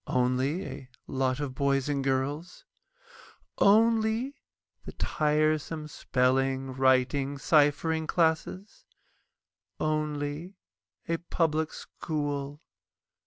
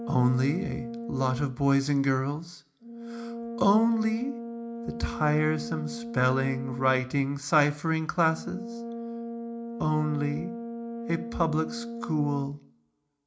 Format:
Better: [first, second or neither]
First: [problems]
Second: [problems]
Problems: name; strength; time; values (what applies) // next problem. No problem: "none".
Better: first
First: none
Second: background sound (Brass instrument); 9 dB below the speech // room echo; dies away in 0.4 s